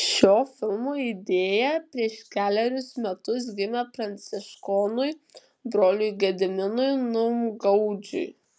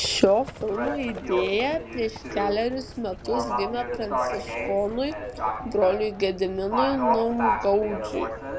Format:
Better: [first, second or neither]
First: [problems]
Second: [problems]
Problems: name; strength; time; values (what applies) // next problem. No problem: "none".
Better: first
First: none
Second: background sound (Livestock, farm animals, working animals); 4 dB below the speech